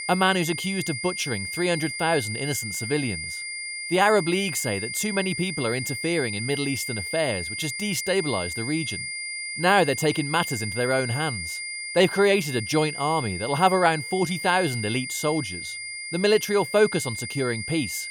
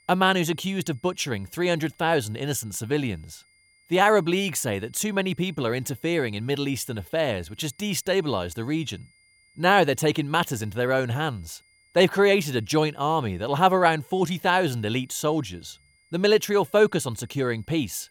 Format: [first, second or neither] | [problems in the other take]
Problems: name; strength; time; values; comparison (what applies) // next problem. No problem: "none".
second | high-pitched whine; loud; throughout; 2 kHz, 6 dB below the speech; faint in the second